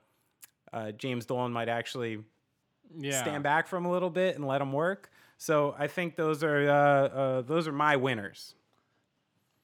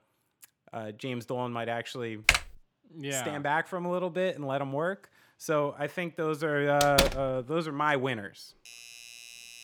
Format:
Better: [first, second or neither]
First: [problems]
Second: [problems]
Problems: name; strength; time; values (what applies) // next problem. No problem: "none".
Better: first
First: none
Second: keyboard typing; loud; at 2.5 s; peak 6 dB above the speech // door banging; loud; at 7 s; peak 4 dB above the speech // doorbell; faint; from 8.5 s on; peak 15 dB below the speech